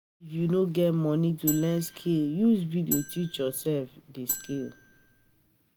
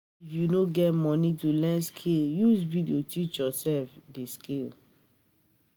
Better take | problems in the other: second | background sound (Marimba, xylophone); 11 dB below the speech

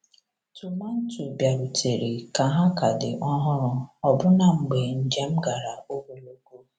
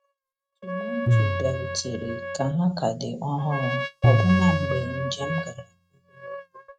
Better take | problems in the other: first | noise reduction (neural mask model RNNoise)

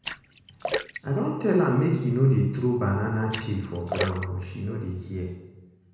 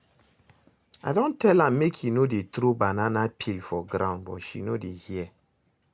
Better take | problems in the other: second | background sound (Splash, splatter); 10 dB below the speech // room echo; dies away in 1 s

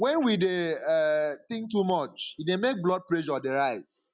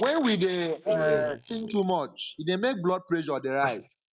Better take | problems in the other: first | noise reduction (neural mask model Resemble Enhance denoiser)

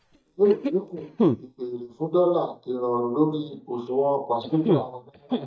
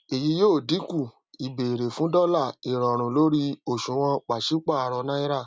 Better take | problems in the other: second | noise reduction (neural mask model DeepFilterNet 3)

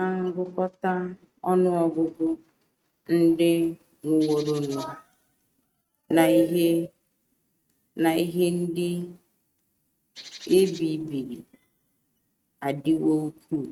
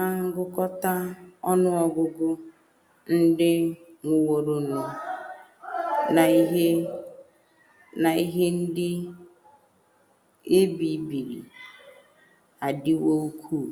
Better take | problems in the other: second | noise reduction (neural mask model RNNoise)

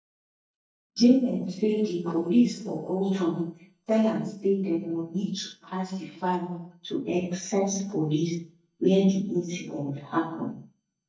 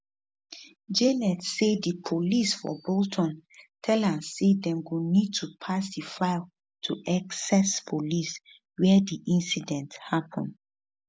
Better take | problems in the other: second | noise reduction (neural mask model DeepFilterNet 3)

